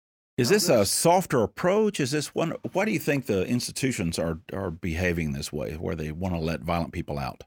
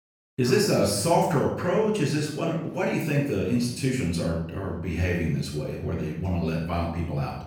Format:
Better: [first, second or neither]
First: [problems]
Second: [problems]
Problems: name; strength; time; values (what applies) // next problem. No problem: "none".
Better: first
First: none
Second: off-mic speech; far // room echo; noticeable; dies away in 0.7 s